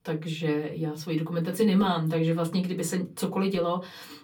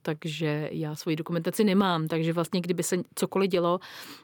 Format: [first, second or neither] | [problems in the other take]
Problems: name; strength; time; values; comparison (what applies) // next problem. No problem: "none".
second | off-mic speech; far // room echo; very slight; dies away in 0.2 s